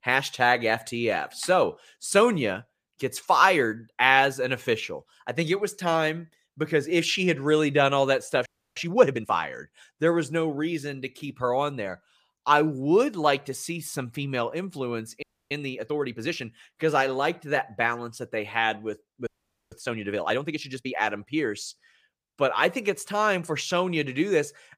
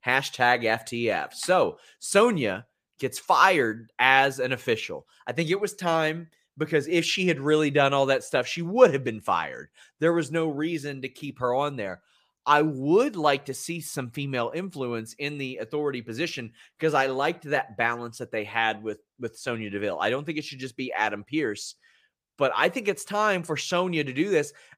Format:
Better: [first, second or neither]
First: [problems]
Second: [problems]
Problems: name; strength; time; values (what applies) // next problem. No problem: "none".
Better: second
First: audio freezing; at 8.5 s, at 15 s and at 19 s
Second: none